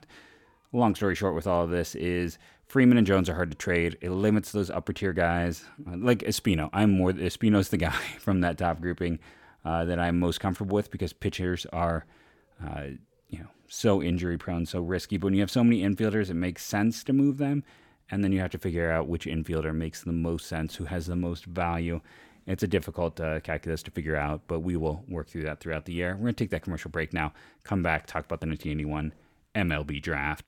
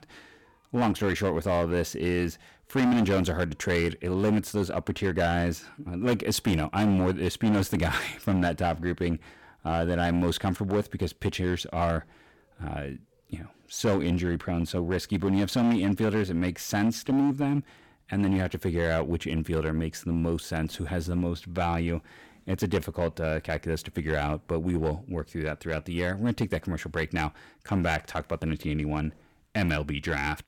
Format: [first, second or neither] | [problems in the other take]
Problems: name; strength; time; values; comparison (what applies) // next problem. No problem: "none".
first | distortion; slight; 6% of the sound clipped